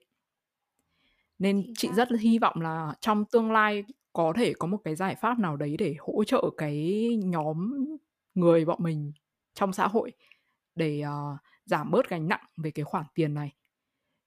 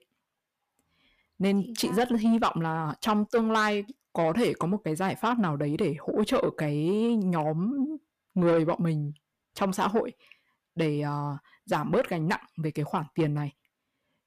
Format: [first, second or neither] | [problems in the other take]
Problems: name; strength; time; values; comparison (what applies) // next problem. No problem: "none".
first | distortion; slight; 10 dB below the speech